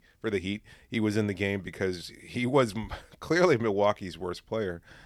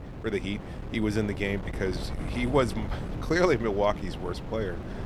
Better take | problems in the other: first | wind noise on the microphone; occasional gusts; 15 dB below the speech

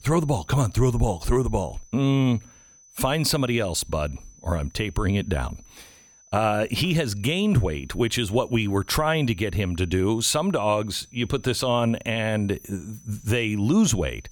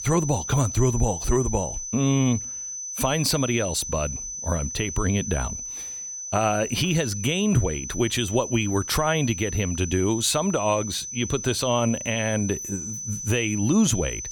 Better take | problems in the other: first | high-pitched whine; loud; throughout; 6 kHz, 7 dB below the speech; faint in the first

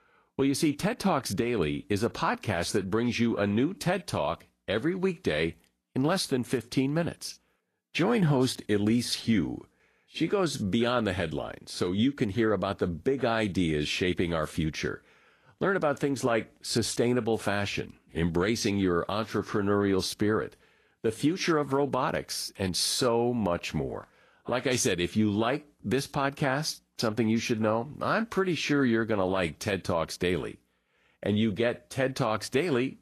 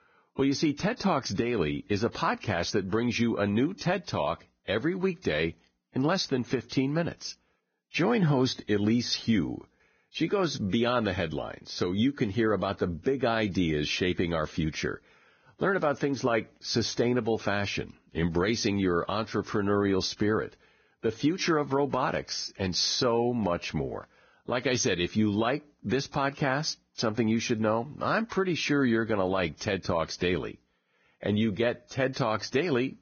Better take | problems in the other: first | garbled, watery; badly; nothing above 6.5 kHz; slightly in the first

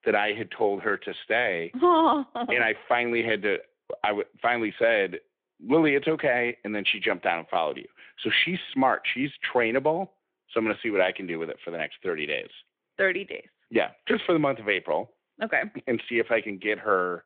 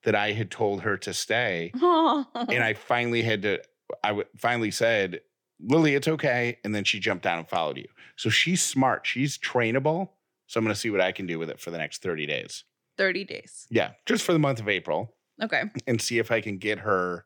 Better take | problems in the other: second | phone-call audio

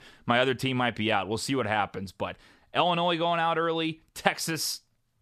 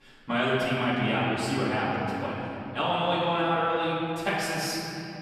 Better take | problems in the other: first | off-mic speech; far // room echo; strong; dies away in 3 s

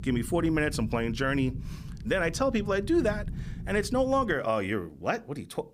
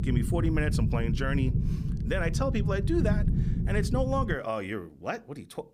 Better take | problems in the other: first | low rumble; loud; until 4.5 s; 8 dB below the speech; faint in the first

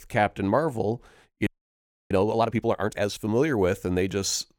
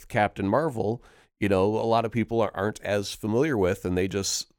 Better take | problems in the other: second | audio freezing; at 1.5 s for 0.5 s

